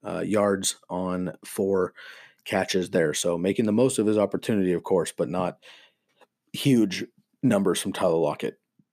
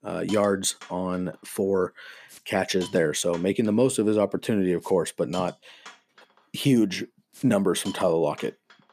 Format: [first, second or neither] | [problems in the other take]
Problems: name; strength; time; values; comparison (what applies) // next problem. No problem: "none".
first | hiss; faint; throughout; 20 dB below the speech